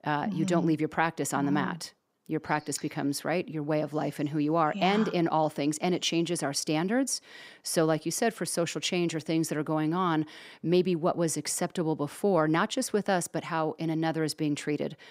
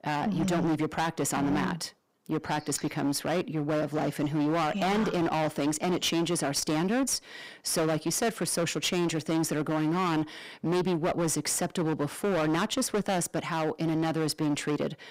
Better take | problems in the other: first | distortion; heavy; 22% of the sound clipped

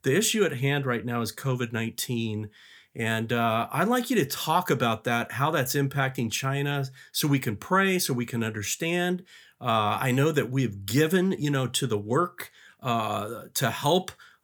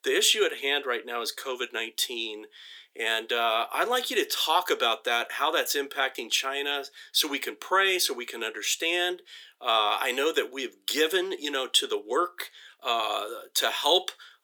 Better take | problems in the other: first | thin; very; fading below 350 Hz

